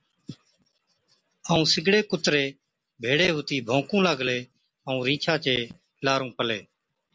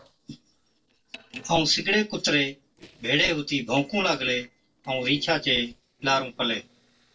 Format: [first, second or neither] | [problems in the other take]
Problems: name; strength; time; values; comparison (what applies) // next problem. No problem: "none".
first | noise reduction (neural separator model SepFormer DNS4)